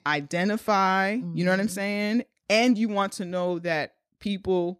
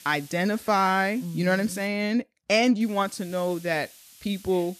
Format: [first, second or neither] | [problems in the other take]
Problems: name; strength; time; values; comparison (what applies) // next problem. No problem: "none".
first | hiss; faint; until 2 s and from 3 s on; 20 dB below the speech